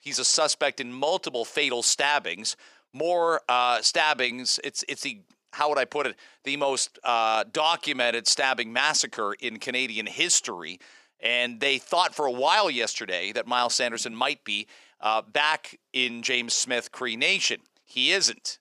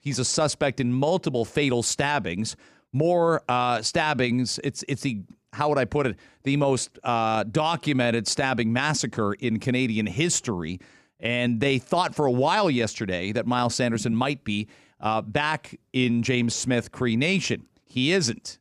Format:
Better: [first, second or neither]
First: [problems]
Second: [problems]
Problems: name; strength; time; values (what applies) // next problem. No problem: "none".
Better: second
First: thin; very; fading below 600 Hz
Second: none